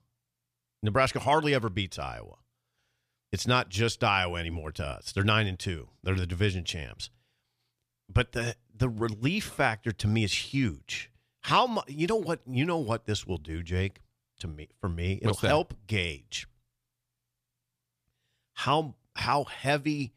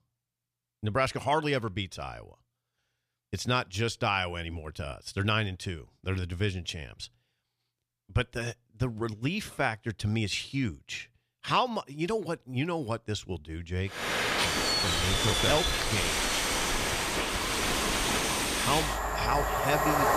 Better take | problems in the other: first | train or aircraft noise; very loud; from 14 s on; 4 dB above the speech

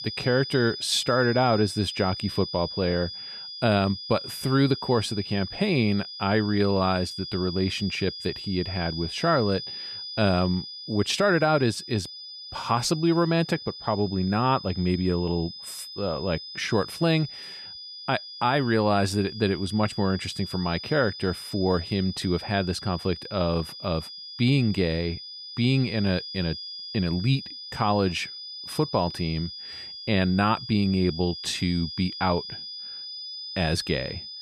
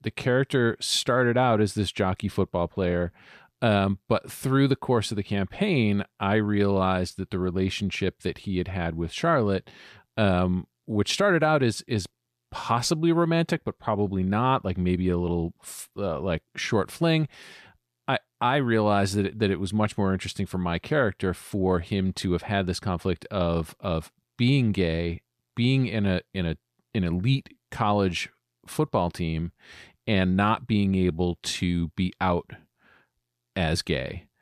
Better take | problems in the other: second | high-pitched whine; loud; throughout; 5 kHz, 10 dB below the speech

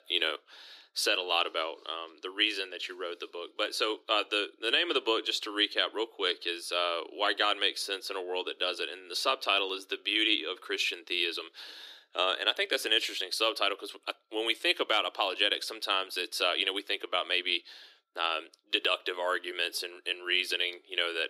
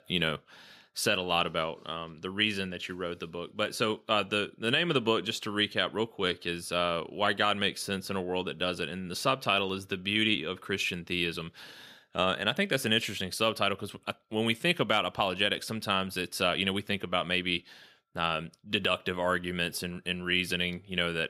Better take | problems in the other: second | thin; very; fading below 300 Hz

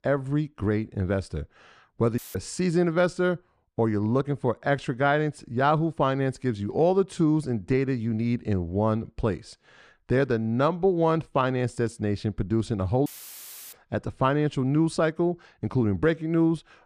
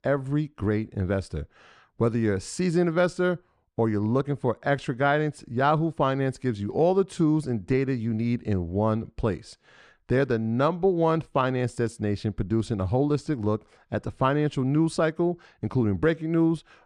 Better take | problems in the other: second | audio cutting out; filled with static; at 2 s and at 13 s for 0.5 s

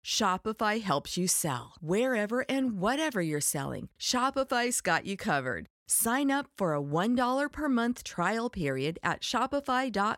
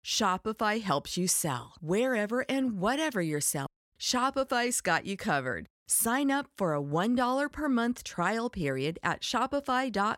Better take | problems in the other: first | audio cutting out; at 3.5 s

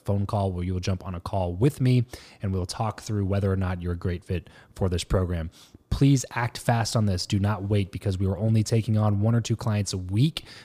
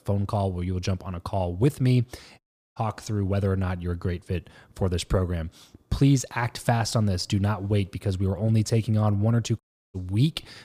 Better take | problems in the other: first | audio cutting out; at 2.5 s and at 9.5 s

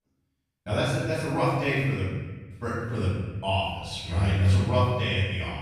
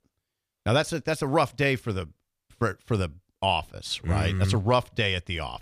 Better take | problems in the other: second | off-mic speech; far // room echo; strong; dies away in 1.4 s

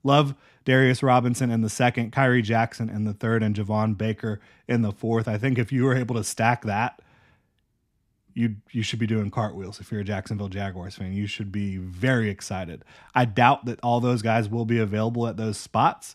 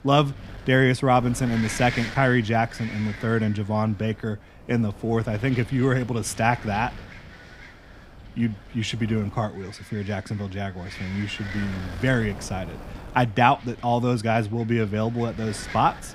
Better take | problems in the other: first | wind noise on the microphone; occasional gusts; 15 dB below the speech

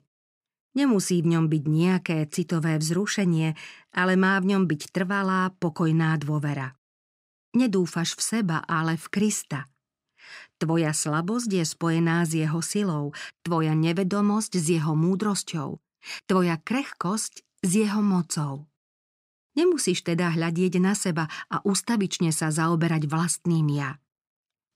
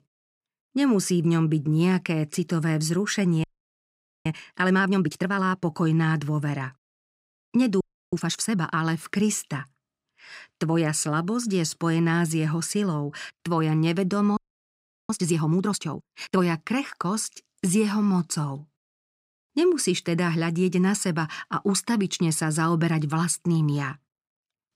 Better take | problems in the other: first | audio freezing; at 3.5 s for 1 s, at 8 s and at 14 s for 0.5 s

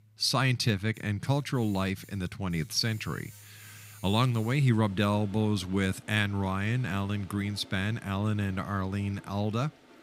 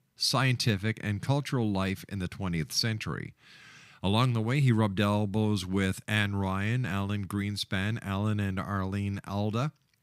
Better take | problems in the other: second | household noises; faint; throughout; 25 dB below the speech

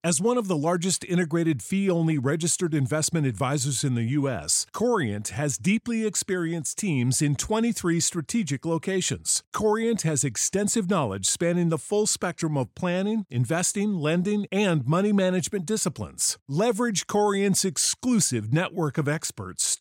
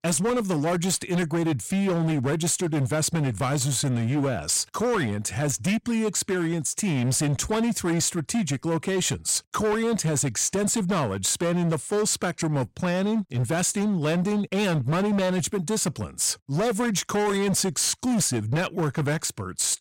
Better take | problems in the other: first | distortion; slight; 23% of the sound clipped

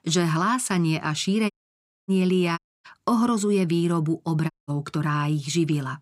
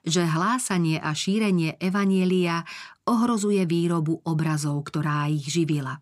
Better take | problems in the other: second | audio cutting out; at 1.5 s for 0.5 s, at 2.5 s and at 4.5 s

